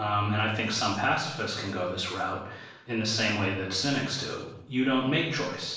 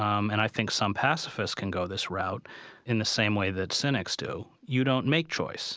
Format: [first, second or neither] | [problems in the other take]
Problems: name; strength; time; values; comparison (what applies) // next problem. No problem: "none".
second | room echo; dies away in 0.7 s